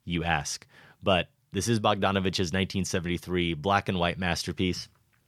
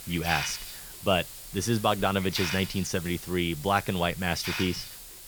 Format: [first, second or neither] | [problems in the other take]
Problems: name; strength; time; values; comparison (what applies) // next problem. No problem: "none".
first | hiss; loud; throughout; 8 dB below the speech